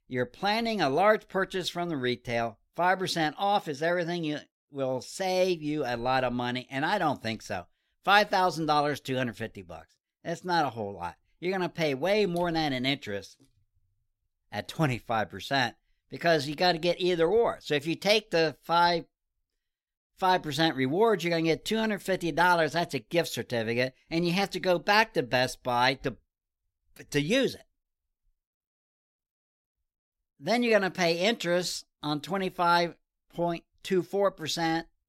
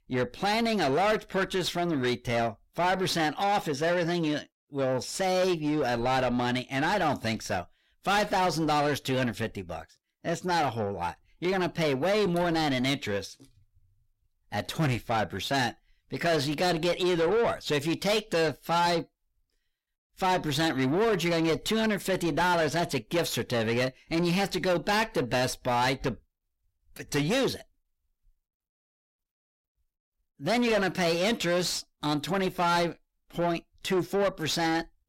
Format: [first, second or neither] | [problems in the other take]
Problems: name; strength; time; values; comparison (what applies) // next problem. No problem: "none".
first | distortion; heavy; 7 dB below the speech